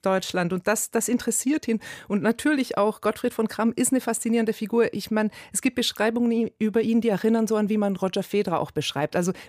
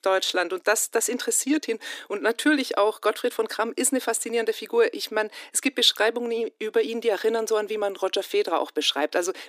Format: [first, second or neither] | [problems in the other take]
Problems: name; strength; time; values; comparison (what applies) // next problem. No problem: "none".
first | thin; somewhat; fading below 300 Hz